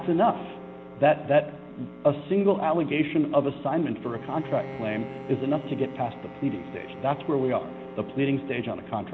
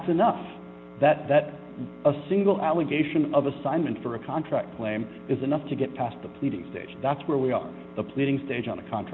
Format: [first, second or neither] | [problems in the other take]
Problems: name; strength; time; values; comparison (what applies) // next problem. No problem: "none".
second | background sound (Bowed string instrument); 17 dB below the speech